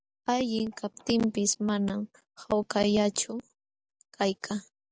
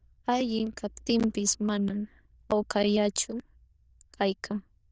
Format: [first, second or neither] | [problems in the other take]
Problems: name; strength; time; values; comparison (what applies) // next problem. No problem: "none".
first | noise reduction (neural diffusion model UNIVERSE++)